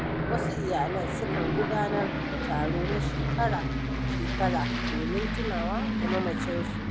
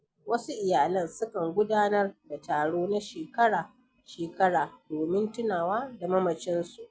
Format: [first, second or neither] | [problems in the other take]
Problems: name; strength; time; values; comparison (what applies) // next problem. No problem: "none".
second | background sound (Aircraft); 4 dB above the speech